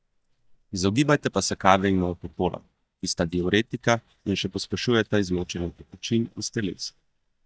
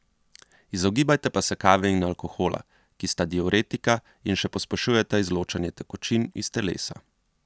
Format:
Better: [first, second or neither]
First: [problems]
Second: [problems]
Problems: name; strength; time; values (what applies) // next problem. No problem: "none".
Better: second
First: noise reduction (neural mask model DeepFilterNet 3)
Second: none